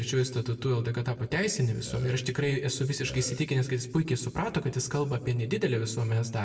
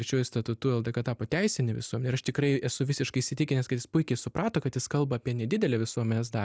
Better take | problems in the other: second | background sound (Burping, eructation); 13 dB below the speech // room echo; dies away in 0.7 s

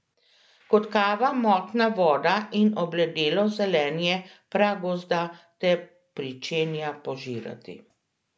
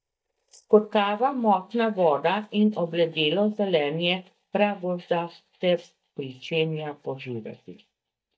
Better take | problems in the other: first | noise reduction (neural mask model DeepFilterNet 3)

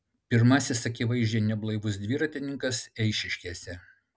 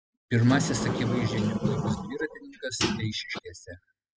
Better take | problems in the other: first | noise reduction (classical method spectral subtraction)

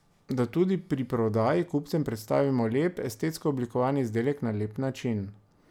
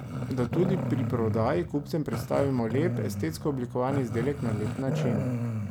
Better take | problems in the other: first | background sound (Growling); 3 dB below the speech

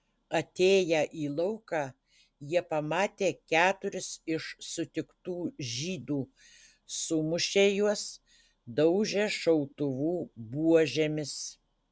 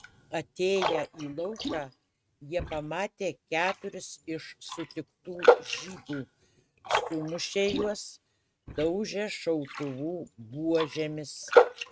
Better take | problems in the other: first | noise reduction (neural mask model RNNoise)

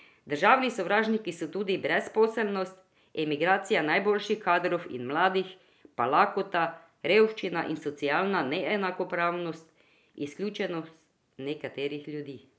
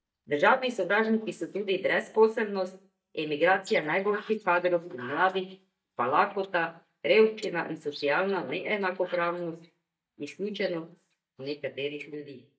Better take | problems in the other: first | noise reduction (neural mask model DeepFilterNet 3)

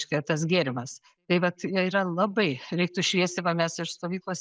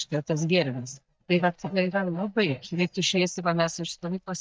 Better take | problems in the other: first | noise reduction (neural mask model DeepFilterNet 3)

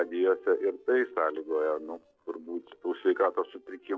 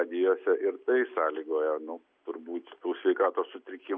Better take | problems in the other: second | noise reduction (neural separator model SepFormer DNS4)

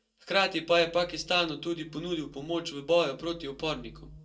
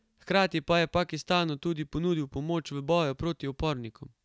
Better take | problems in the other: second | room echo; dies away in 0.2 s

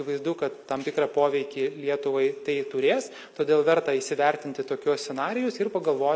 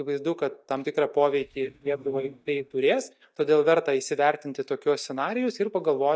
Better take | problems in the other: first | noise reduction (neural mask model DeepFilterNet 3)

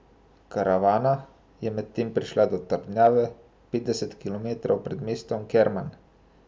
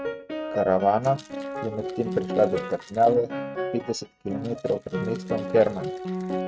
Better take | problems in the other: first | noise reduction (neural mask model RNNoise)

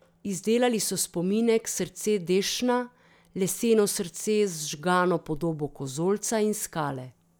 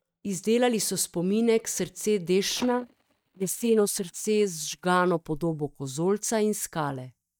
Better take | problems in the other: first | noise reduction (neural mask model DeepFilterNet 3)

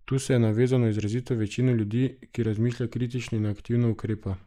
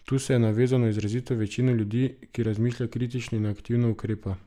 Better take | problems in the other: second | noise reduction (neural mask model Resemble Enhance denoiser)

